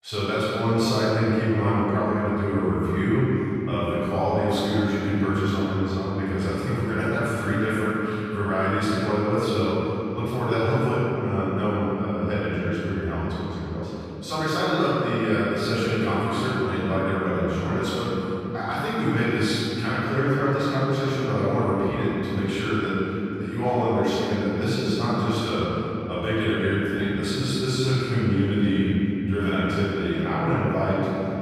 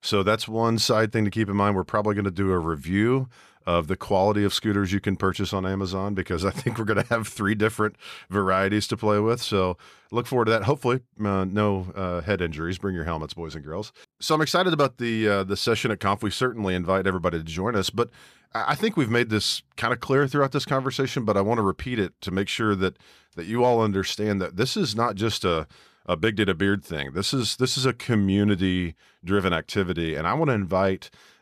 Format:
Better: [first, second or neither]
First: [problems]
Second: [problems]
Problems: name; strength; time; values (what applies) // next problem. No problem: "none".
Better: second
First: off-mic speech; far // room echo; strong; dies away in 3 s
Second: none